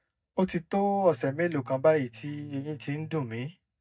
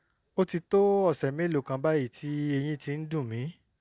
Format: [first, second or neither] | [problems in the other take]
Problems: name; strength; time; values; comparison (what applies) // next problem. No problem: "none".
second | noise reduction (neural mask model DeepFilterNet 3)